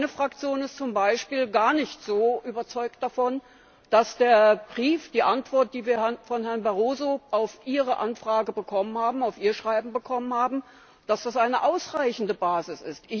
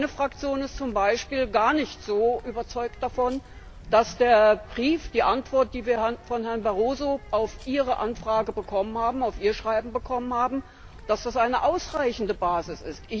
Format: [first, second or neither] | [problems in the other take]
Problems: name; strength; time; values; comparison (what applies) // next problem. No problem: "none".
first | background sound (Bird); 18 dB below the speech